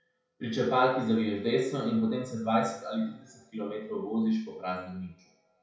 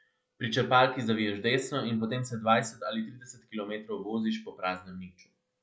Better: second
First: room echo; dies away in 0.6 s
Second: none

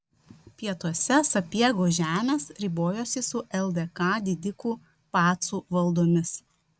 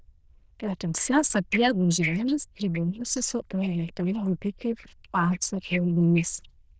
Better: first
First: none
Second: noise reduction (neural diffusion model UNIVERSE++)

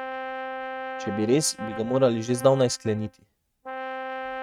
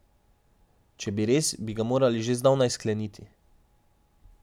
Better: second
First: noise reduction (neural mask model RNNoise)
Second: none

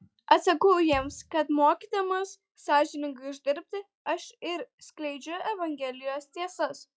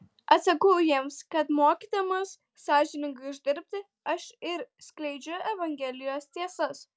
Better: second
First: noise reduction (classical method log-MMSE)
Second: none

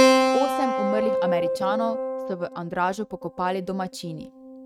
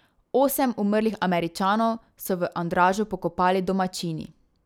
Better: second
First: noise reduction (neural mask model RNNoise)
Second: none

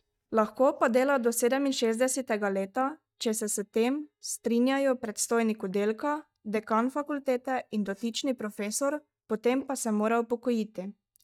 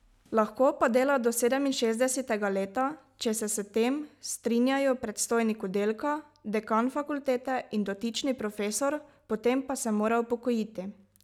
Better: second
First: noise reduction (neural mask model DeepFilterNet 3)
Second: none

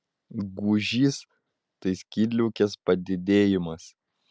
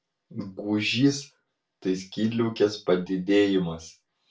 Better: first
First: none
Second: room echo; dies away in 0.3 s

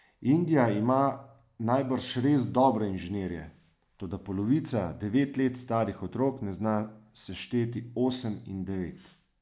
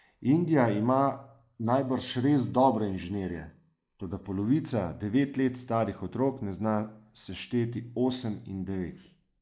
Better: first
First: none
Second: noise reduction (neural mask model Resemble Enhance denoiser)

